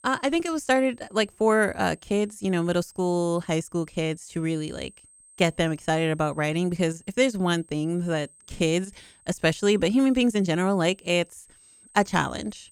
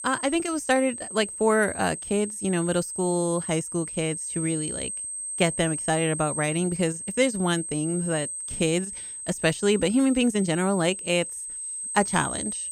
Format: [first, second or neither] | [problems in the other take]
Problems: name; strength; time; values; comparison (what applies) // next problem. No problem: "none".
first | high-pitched whine; loud; throughout; 8.5 kHz, 6 dB below the speech; faint in the first